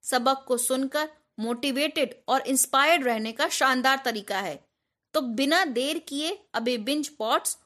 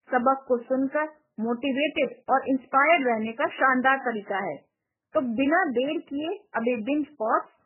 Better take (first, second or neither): first